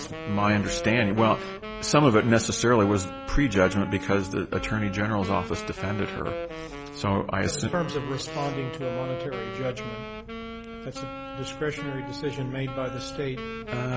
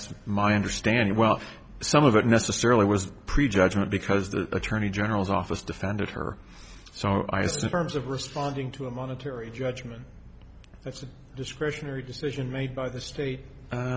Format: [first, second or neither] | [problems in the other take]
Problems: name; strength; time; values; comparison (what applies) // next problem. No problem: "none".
second | background sound (Wind instrument, woodwind instrument); 10 dB below the speech